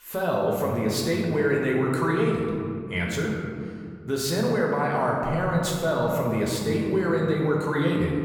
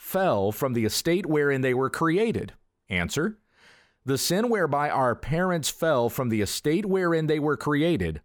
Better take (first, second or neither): second